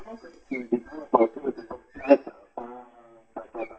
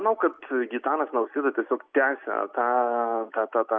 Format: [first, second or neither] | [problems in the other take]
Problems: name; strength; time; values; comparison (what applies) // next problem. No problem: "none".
second | noise reduction (neural mask model DeepFilterNet 3)